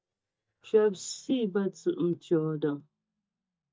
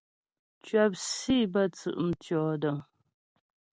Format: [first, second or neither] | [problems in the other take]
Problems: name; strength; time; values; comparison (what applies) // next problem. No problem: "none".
second | noise reduction (neural mask model DeepFilterNet 3)